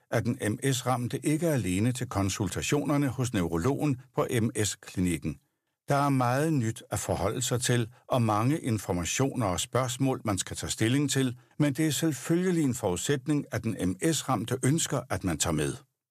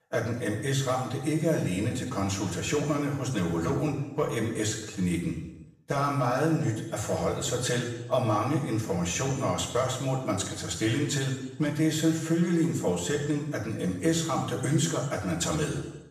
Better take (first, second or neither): first